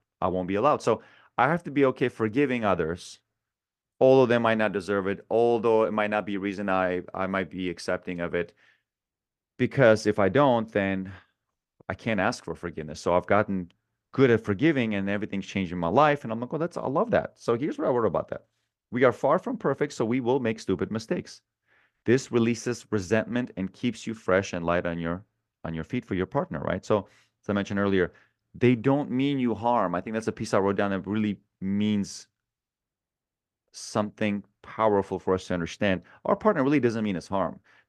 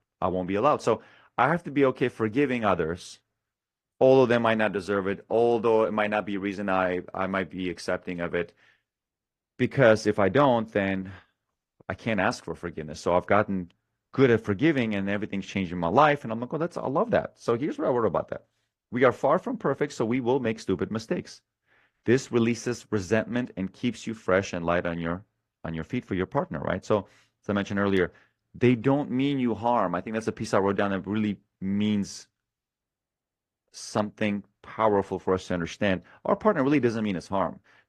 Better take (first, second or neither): first